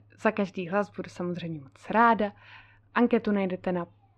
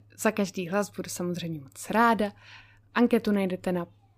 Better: second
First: muffled; slightly; fading above 2.5 kHz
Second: none

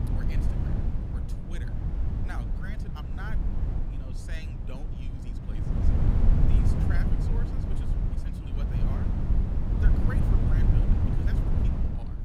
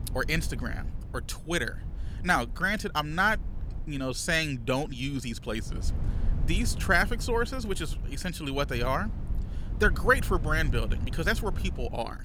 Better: second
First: wind noise on the microphone; heavy; 5 dB above the speech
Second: wind noise on the microphone; occasional gusts; 20 dB below the speech

